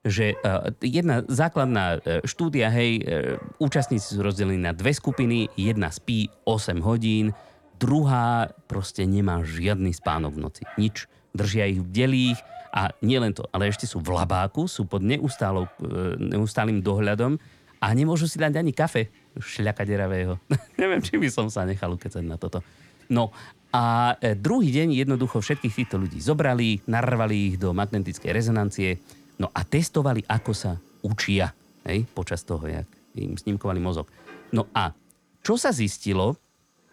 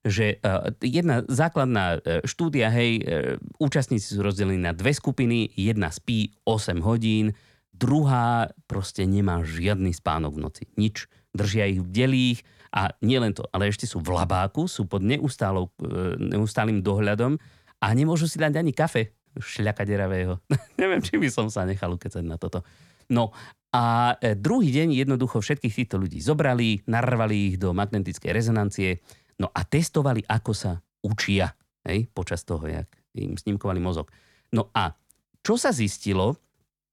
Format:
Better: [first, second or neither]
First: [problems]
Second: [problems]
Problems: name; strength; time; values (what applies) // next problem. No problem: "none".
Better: second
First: animal sounds; faint; throughout; 25 dB below the speech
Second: none